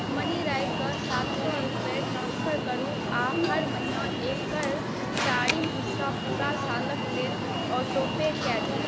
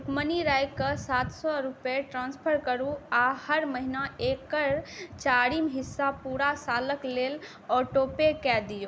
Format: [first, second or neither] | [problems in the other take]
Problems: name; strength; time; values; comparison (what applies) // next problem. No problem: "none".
second | background sound (Alarm); 3 dB above the speech